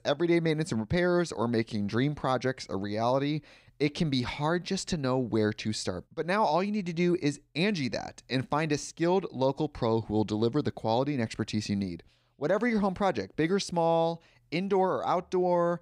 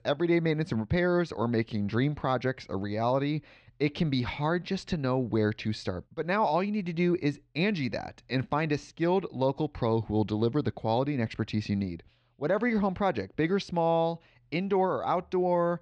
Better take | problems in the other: first | muffled; very slightly; fading above 3 kHz

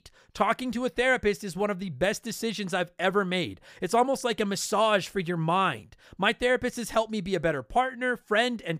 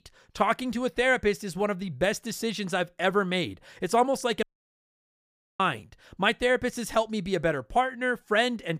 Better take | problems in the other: first | audio cutting out; at 4.5 s for 1 s

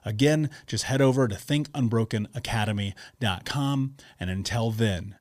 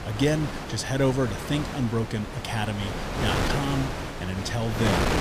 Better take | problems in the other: first | wind noise on the microphone; heavy; 1 dB below the speech

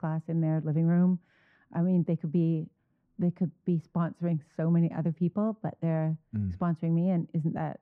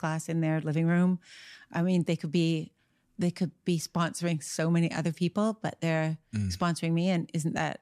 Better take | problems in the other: second | muffled; very; fading above 2.5 kHz

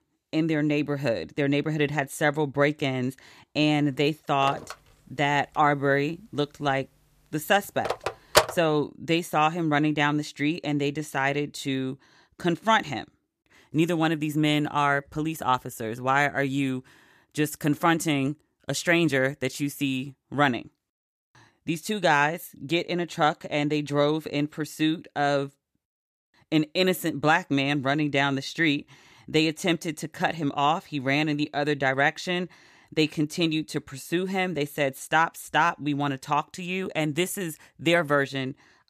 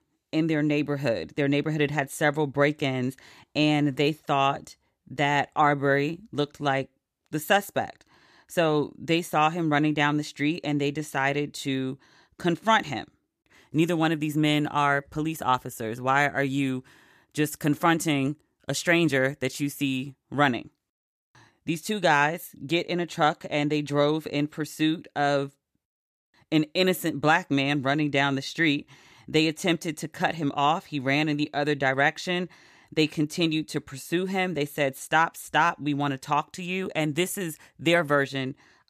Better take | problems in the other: second | phone ringing; loud; at 8 s; peak 4 dB above the speech

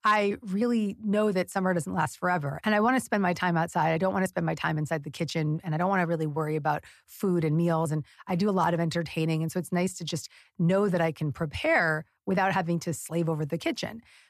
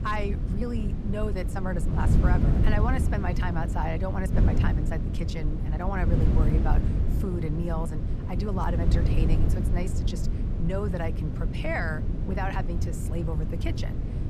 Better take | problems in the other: first | wind noise on the microphone; heavy; 4 dB below the speech

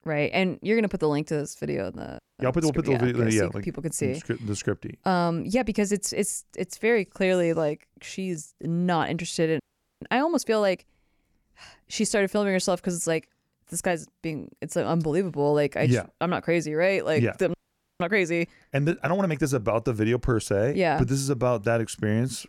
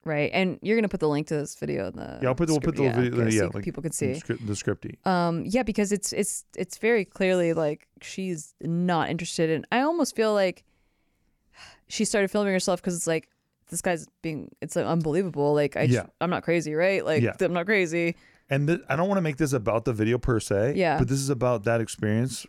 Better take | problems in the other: second | audio freezing; at 2 s, at 9.5 s and at 18 s

